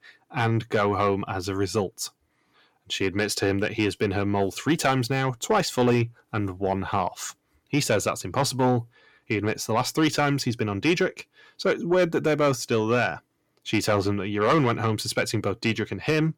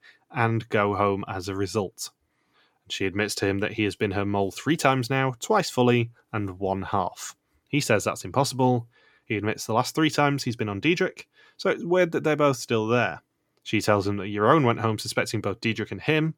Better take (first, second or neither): second